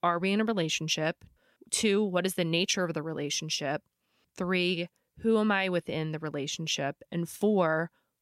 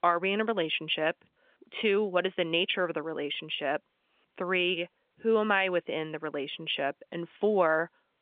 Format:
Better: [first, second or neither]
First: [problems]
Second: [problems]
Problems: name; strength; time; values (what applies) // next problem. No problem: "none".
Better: first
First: none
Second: phone-call audio; nothing above 3.5 kHz